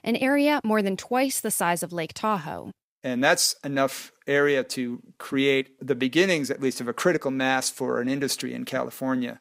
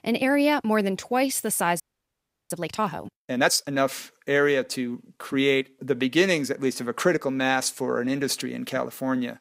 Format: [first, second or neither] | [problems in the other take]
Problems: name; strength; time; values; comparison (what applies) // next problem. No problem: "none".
first | audio freezing; at 2 s for 0.5 s